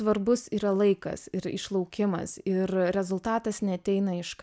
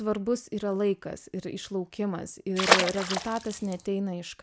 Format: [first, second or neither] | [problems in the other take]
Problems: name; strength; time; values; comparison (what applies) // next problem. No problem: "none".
first | background sound (Water / Splash, splatter); 3 dB above the speech